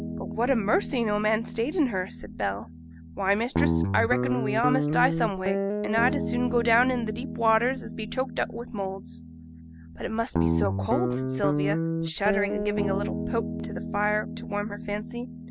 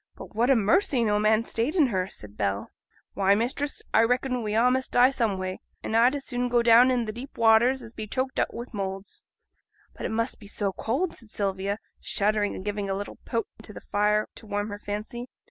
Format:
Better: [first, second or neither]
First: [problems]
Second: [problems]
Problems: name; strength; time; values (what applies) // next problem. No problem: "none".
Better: second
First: background sound (Guitar); 2 dB below the speech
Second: none